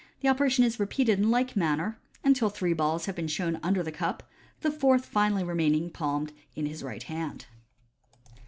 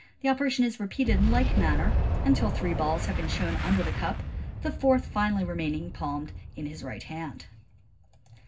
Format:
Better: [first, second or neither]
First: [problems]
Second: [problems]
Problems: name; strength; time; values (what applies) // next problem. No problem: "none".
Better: first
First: none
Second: background sound (Boom); as loud as the speech // room echo; dies away in 0.4 s